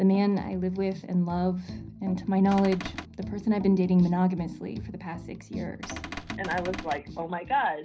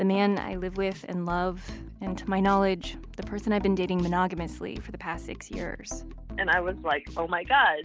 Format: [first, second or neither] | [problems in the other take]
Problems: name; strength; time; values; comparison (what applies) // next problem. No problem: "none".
second | background sound (Cupboard open or close / Door); 11 dB below the speech // room echo; dies away in 0.5 s